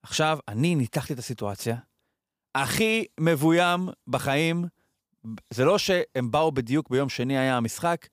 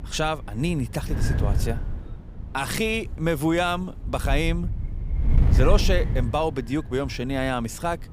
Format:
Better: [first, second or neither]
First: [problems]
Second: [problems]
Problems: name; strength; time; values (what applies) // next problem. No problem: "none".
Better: first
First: none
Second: wind noise on the microphone; occasional gusts; 15 dB below the speech